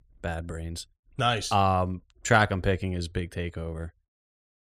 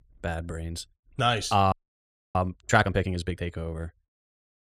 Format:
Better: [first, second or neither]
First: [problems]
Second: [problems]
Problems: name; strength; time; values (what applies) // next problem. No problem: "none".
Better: first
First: none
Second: audio freezing; at 1.5 s for 0.5 s